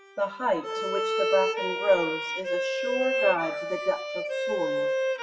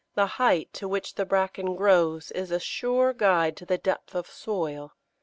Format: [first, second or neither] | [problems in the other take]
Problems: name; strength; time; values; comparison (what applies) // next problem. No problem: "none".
second | noise reduction (classical method WPE with log-MMSE)